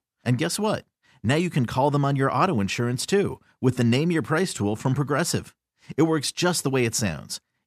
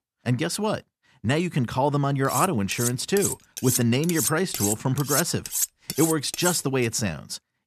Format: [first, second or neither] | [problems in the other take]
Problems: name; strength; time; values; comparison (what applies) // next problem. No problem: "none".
first | clattering dishes; noticeable; from 2.5 to 7 s; peak level with the speech